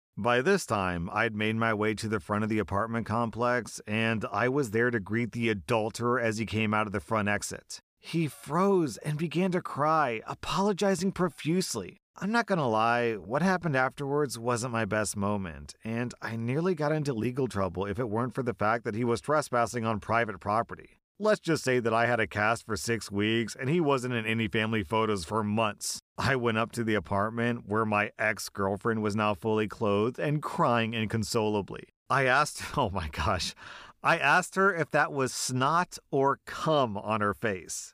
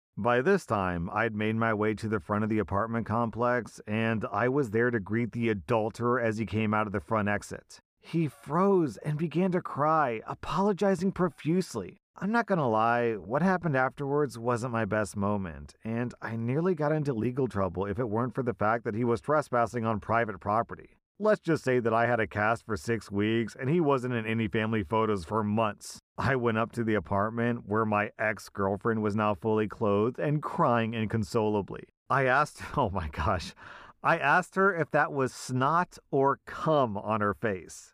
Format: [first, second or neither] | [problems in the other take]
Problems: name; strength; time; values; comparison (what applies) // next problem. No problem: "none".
first | muffled; slightly; fading above 2.5 kHz